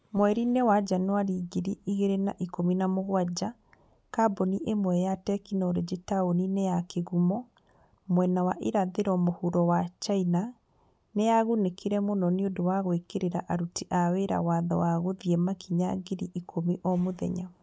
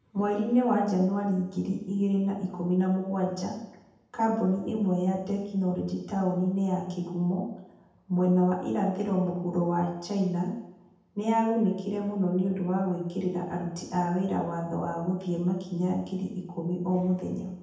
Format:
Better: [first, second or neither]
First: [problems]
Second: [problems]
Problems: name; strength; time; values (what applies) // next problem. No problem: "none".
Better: first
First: none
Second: room echo; dies away in 0.8 s